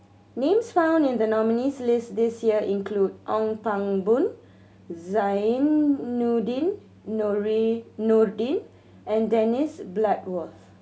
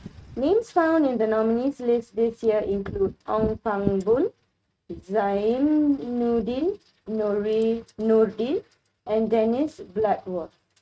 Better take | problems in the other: first | noise reduction (neural mask model RNNoise)

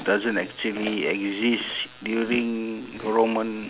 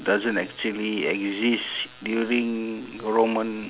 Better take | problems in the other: second | background sound (Chewing, mastication); 17 dB below the speech

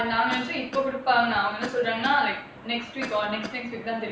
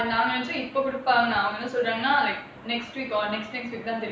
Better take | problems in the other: second | background sound (Cough); 15 dB below the speech

